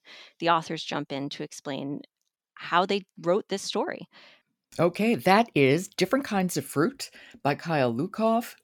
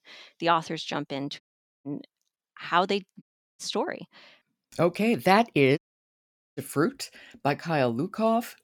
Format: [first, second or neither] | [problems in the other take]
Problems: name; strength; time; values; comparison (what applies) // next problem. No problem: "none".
first | audio cutting out; at 1.5 s, at 3 s and at 6 s for 1 s